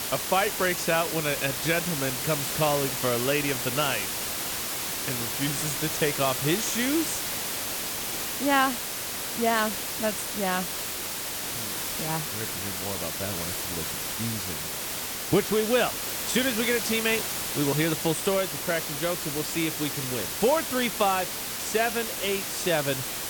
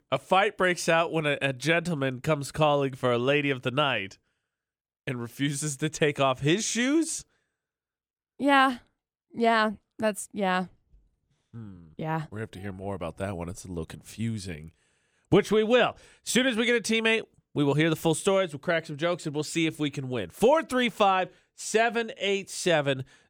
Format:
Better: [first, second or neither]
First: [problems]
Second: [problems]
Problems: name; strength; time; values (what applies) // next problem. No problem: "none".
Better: second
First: hiss; loud; throughout; 1 dB below the speech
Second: none